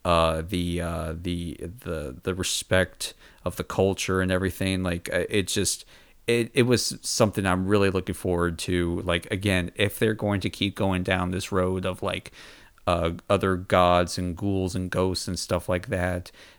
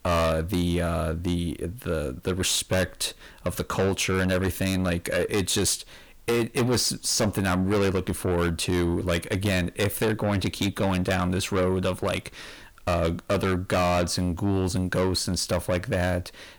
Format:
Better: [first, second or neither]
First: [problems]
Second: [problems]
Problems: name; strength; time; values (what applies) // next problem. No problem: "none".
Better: first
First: none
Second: distortion; heavy; 6 dB below the speech